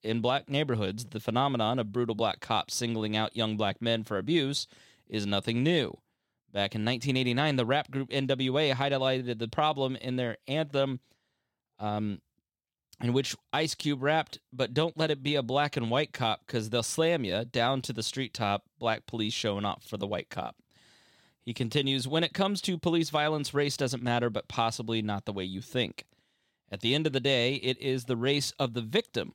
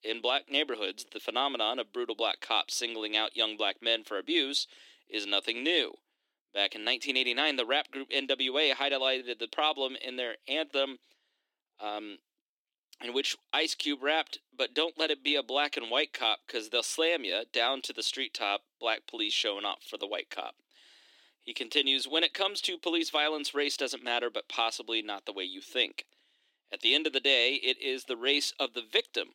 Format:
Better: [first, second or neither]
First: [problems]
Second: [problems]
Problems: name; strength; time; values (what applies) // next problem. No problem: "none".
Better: first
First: none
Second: thin; somewhat; fading below 300 Hz